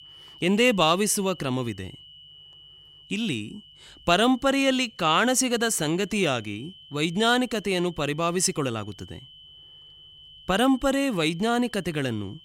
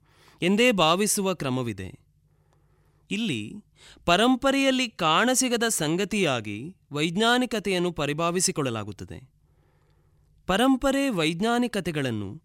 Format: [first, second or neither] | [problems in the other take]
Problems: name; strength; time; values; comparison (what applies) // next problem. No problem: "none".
second | high-pitched whine; faint; throughout; 3 kHz, 25 dB below the speech